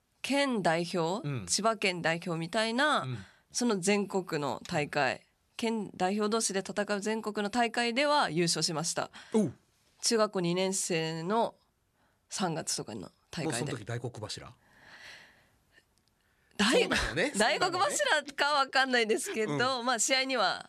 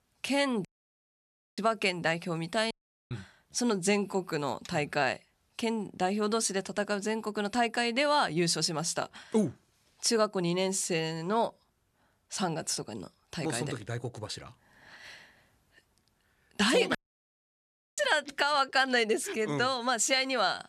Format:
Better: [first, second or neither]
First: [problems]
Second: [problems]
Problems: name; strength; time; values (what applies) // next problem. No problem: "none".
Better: first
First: none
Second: audio cutting out; at 0.5 s for 1 s, at 2.5 s and at 17 s for 1 s